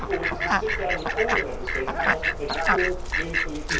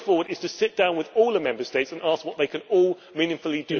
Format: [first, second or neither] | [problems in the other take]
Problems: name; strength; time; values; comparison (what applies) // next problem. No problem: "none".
second | background sound (Fowl); 5 dB above the speech // room echo; dies away in 0.6 s